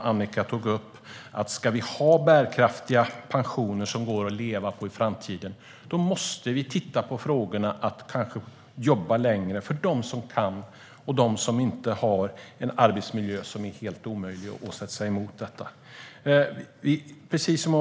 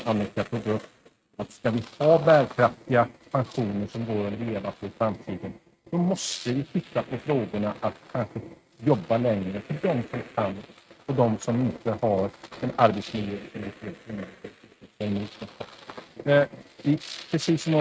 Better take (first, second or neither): first